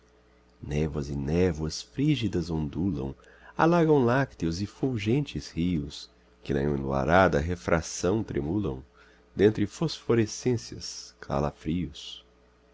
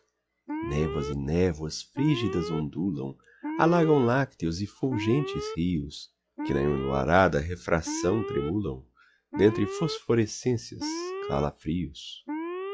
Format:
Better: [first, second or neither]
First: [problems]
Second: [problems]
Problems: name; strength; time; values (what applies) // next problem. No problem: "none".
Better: first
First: none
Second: noise reduction (classical method log-MMSE)